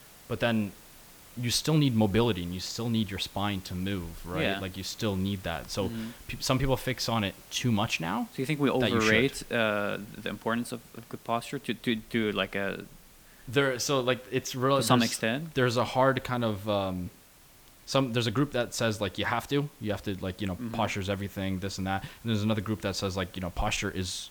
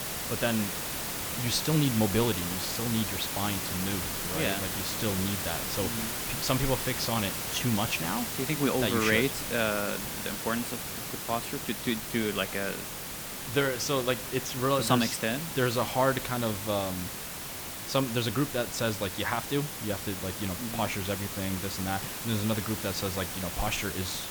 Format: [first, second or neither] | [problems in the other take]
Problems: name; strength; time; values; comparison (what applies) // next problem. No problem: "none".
first | hiss; loud; throughout; 3 dB below the speech; faint in the first